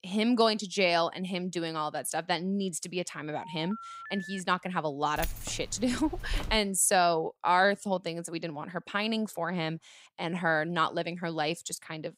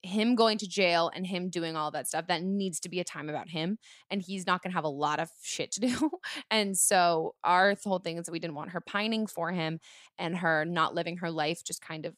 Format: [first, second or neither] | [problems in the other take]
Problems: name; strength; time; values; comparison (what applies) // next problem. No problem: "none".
second | phone ringing; faint; from 3.5 to 4.5 s; peak 10 dB below the speech // jangling keys; noticeable; from 5 to 6.5 s; peak 8 dB below the speech